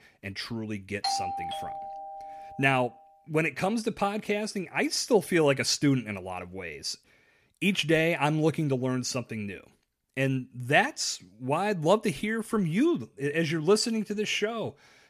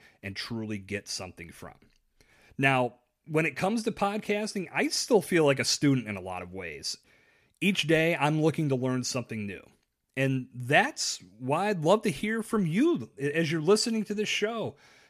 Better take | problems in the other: second | doorbell; noticeable; from 1 to 2.5 s; peak 3 dB below the speech

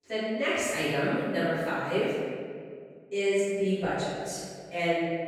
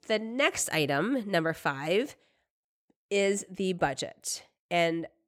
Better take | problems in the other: second | off-mic speech; far // room echo; strong; dies away in 1.9 s

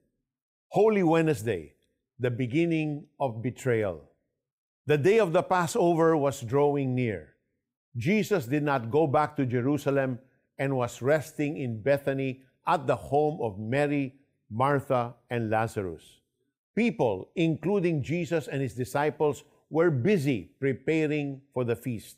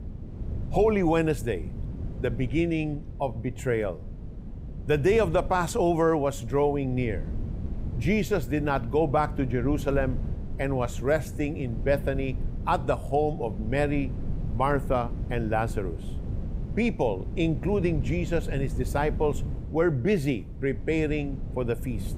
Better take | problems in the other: first | wind noise on the microphone; occasional gusts; 20 dB below the speech

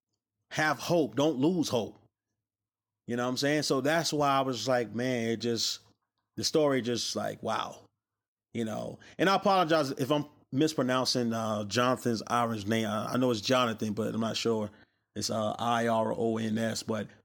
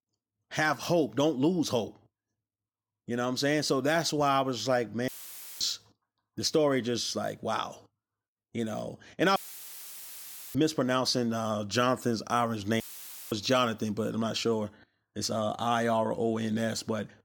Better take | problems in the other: first | audio cutting out; filled with static; at 5 s for 0.5 s, at 9.5 s for 1 s and at 13 s for 0.5 s

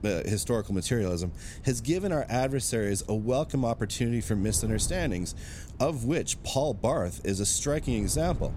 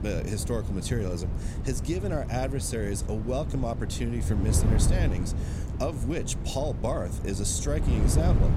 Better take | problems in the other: first | wind noise on the microphone; heavy; 7 dB below the speech; occasional gusts in the first

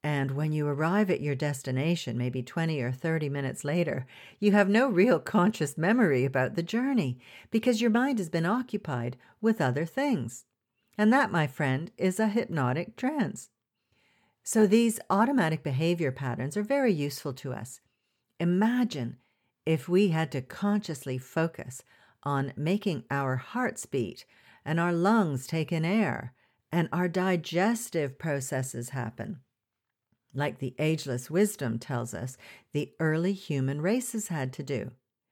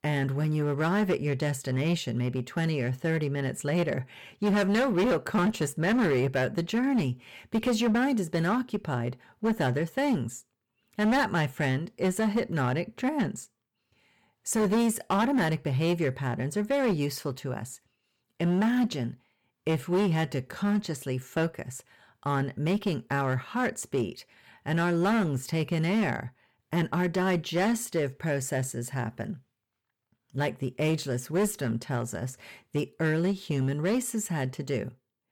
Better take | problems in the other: first | distortion; slight; 8% of the sound clipped

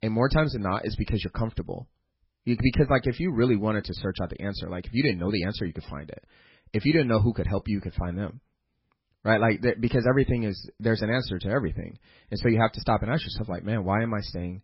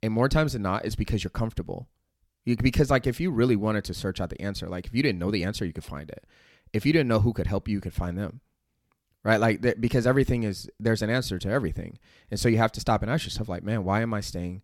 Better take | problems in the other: second | garbled, watery; badly; nothing above 5.5 kHz

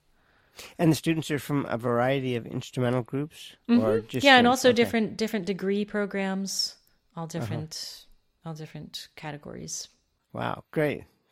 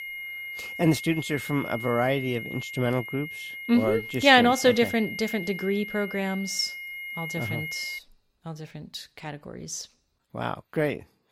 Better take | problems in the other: first | high-pitched whine; loud; until 8 s; 2 kHz, 9 dB below the speech

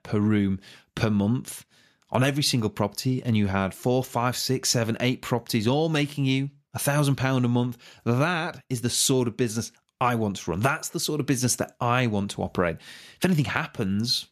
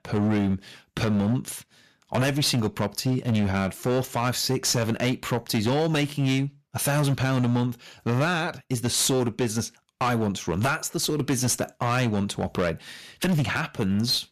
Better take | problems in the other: first | distortion; slight; 13% of the sound clipped

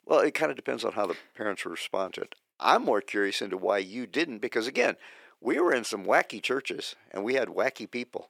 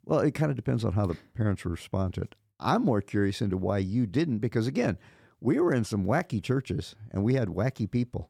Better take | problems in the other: second | thin; very; fading below 400 Hz

